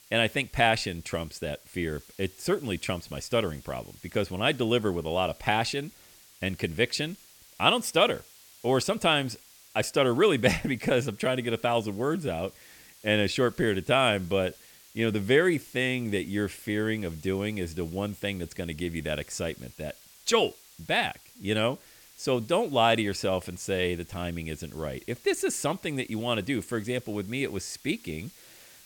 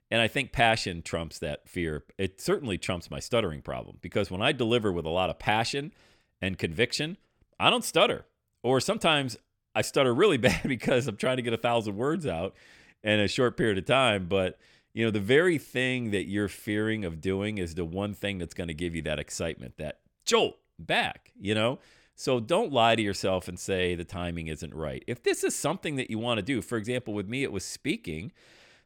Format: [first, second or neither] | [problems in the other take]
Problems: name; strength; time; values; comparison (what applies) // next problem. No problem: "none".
second | hiss; faint; throughout; 25 dB below the speech